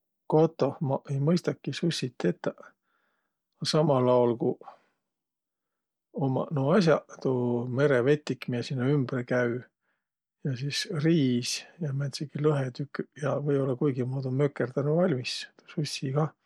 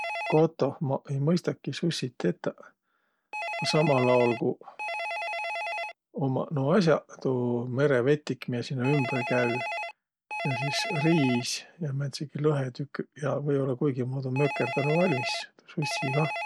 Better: first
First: none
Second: background sound (Telephone); 8 dB below the speech

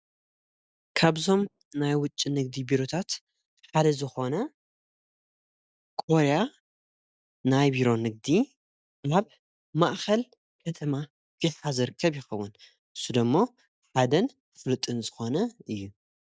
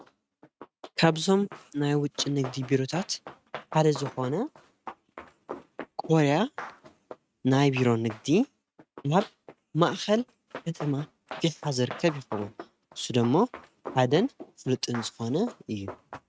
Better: first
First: none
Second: noise reduction (neural mask model RNNoise)

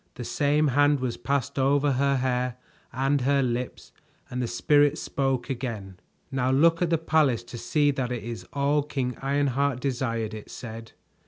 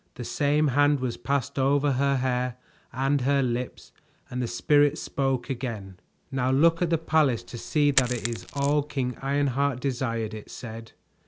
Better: first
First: none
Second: background sound (Coin (dropping)); 11 dB below the speech

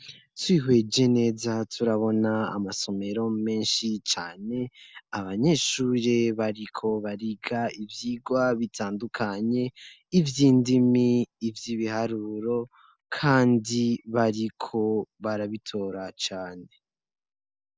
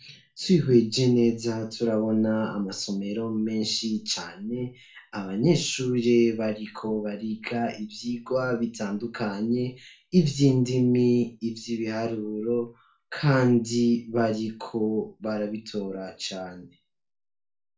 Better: first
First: none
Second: room echo; dies away in 0.3 s

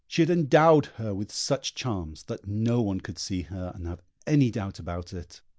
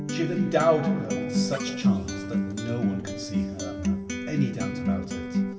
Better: first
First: none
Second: background sound (Acoustic guitar); 2 dB above the speech // room echo; dies away in 2.3 s

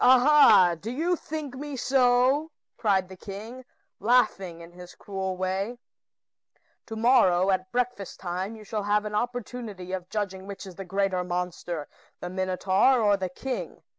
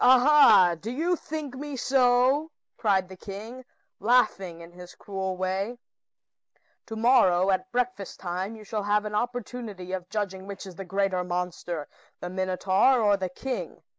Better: first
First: none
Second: noise reduction (neural mask model Resemble Enhance denoiser)

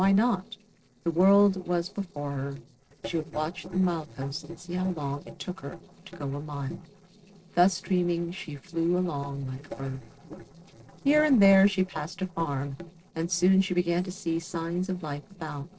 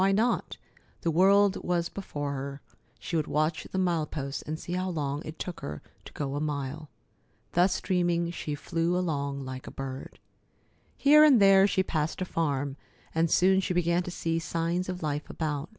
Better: second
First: noise reduction (neural separator model SepFormer DNS4)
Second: none

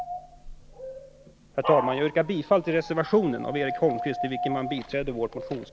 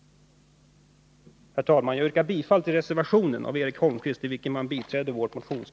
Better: second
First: background sound (Dog); 8 dB below the speech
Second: none

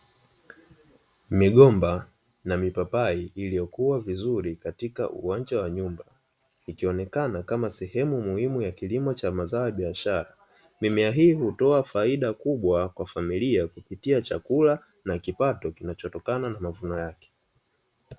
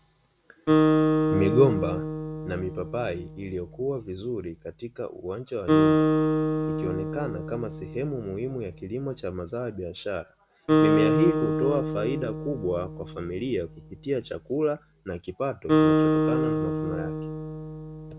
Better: first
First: none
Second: background sound (Acoustic guitar); 4 dB above the speech

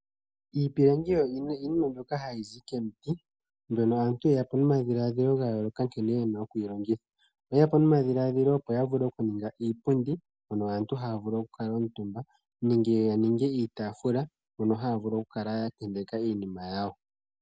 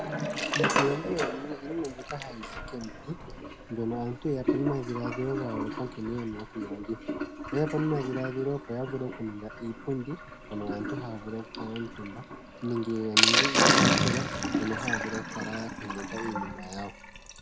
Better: first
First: none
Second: background sound (Sink (filling or washing)); 3 dB above the speech

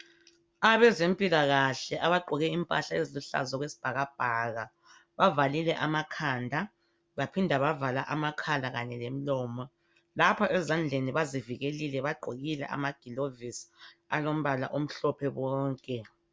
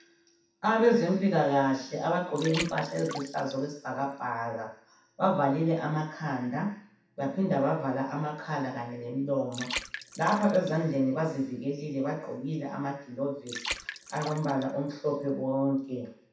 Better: first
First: none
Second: background sound (Water); 14 dB below the speech // room echo; dies away in 0.7 s

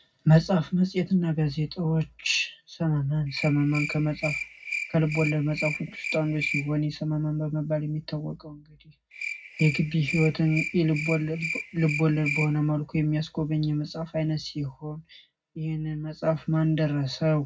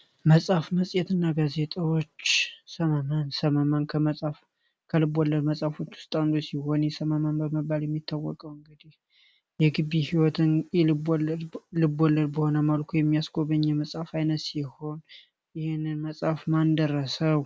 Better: second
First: background sound (Cricket); 8 dB below the speech // room echo; dies away in 0.3 s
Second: none

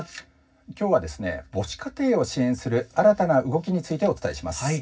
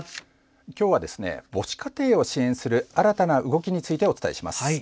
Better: second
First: room echo; dies away in 0.4 s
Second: none

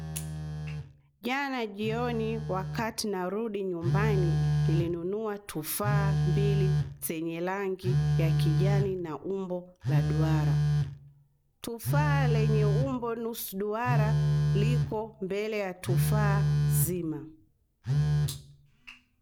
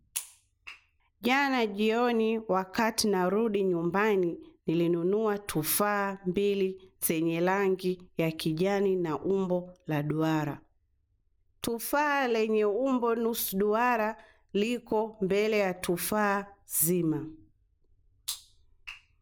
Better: second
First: background sound (Telephone); 5 dB above the speech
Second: none

